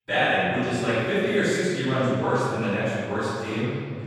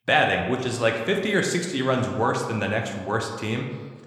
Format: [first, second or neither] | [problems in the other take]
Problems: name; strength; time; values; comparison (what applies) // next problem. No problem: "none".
second | room echo; strong; dies away in 2.3 s; slight in the second // off-mic speech; far